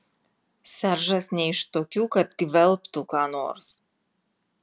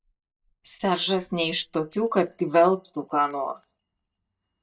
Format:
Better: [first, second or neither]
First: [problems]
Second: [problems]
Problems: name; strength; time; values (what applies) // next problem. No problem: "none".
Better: first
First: none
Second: noise reduction (neural mask model DeepFilterNet 3)